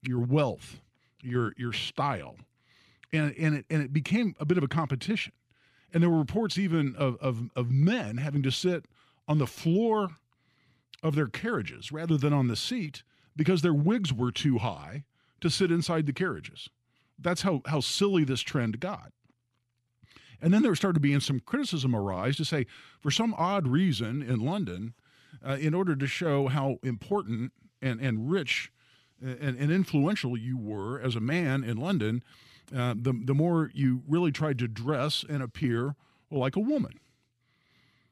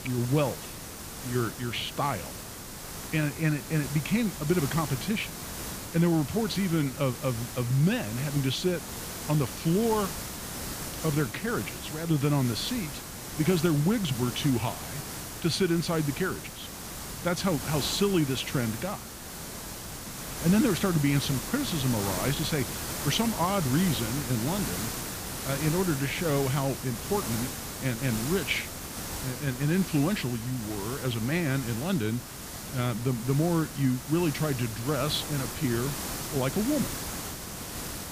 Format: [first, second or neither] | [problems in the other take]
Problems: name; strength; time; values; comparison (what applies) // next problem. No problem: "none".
first | hiss; loud; throughout; 7 dB below the speech